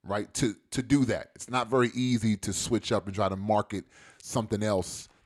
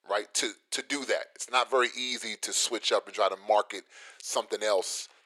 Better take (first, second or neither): first